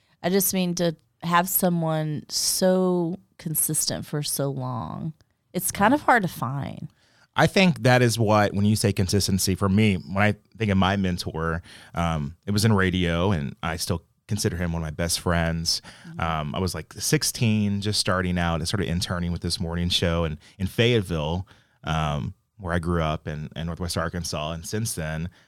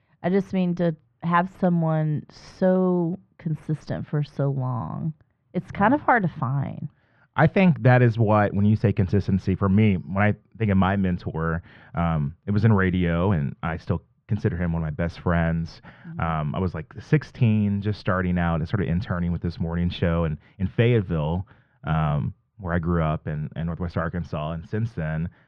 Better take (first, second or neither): first